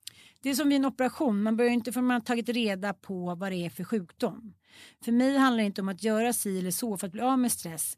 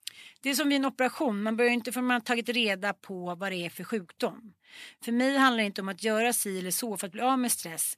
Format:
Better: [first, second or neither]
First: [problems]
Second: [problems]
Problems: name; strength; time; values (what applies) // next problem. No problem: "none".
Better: first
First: none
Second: thin; very slightly; fading below 700 Hz